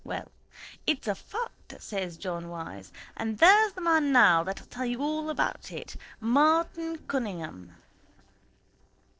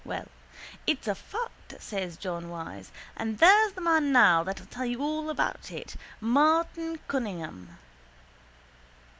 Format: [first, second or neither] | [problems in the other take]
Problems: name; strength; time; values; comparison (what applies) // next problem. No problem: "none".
second | noise reduction (neural separator model SepFormer DNS4)